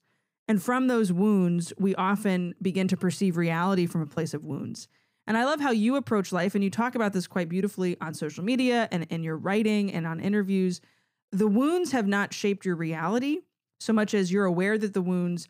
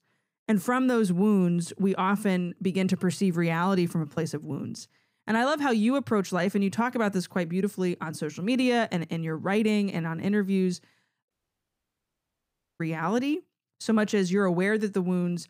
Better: first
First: none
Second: audio cutting out; at 11 s for 1.5 s

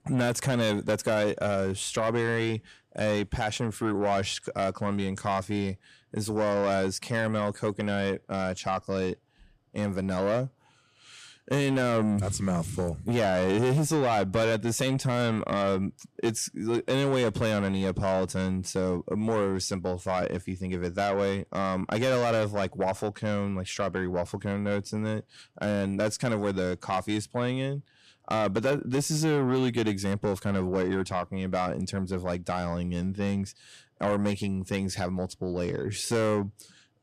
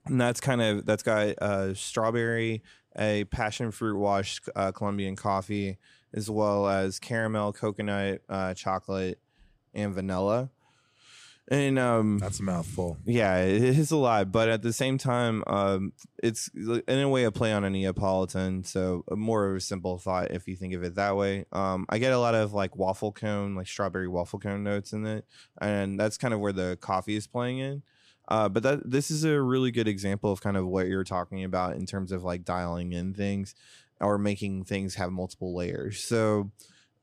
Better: second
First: distortion; slight; 10 dB below the speech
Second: none

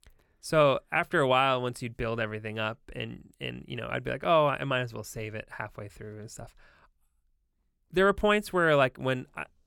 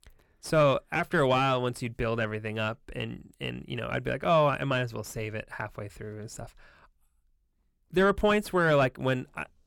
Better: first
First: none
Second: distortion; slight; 10 dB below the speech

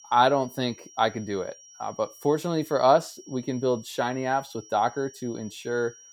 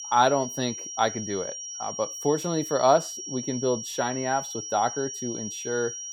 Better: first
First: high-pitched whine; faint; throughout; 5.5 kHz, 20 dB below the speech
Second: high-pitched whine; loud; throughout; 5.5 kHz, 7 dB below the speech

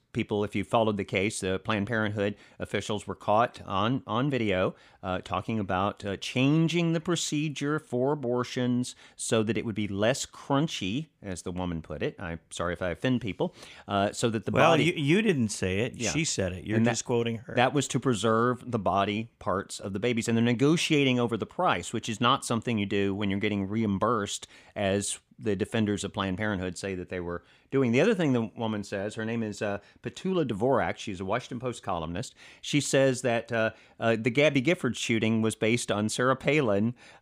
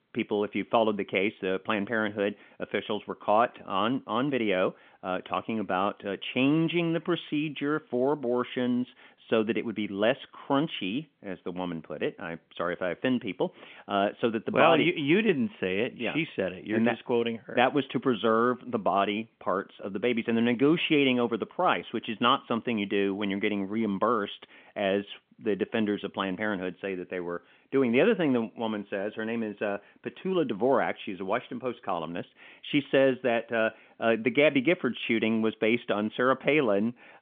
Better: first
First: none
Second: phone-call audio; nothing above 3.5 kHz

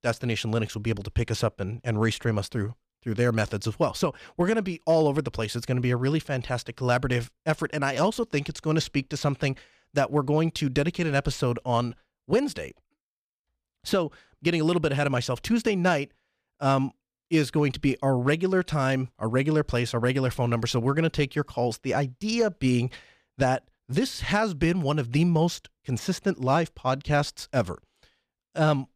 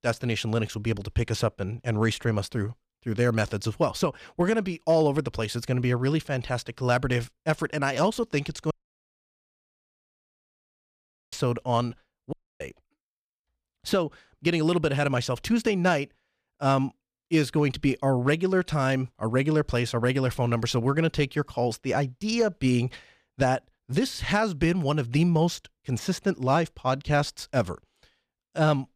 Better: first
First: none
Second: audio cutting out; at 8.5 s for 2.5 s and at 12 s

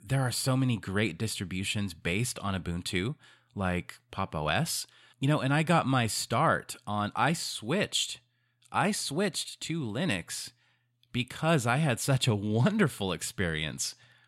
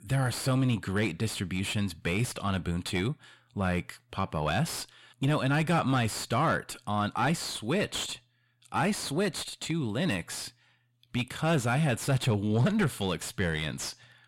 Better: first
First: none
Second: distortion; slight; 10 dB below the speech

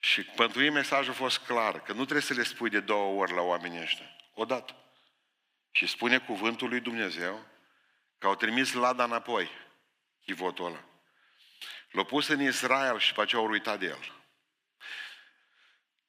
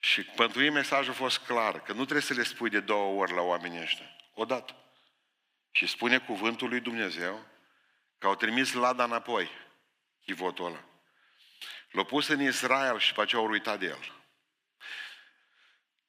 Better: neither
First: thin; somewhat; fading below 300 Hz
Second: thin; somewhat; fading below 300 Hz

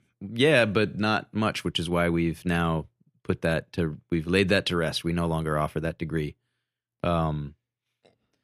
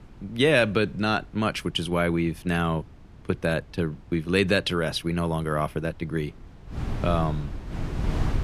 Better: first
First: none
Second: wind noise on the microphone; occasional gusts; 15 dB below the speech

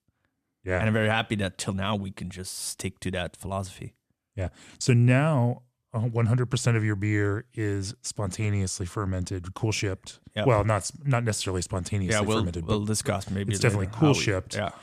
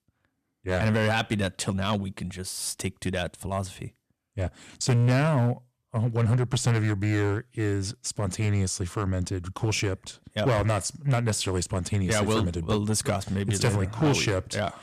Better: first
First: none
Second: distortion; slight; 5% of the sound clipped

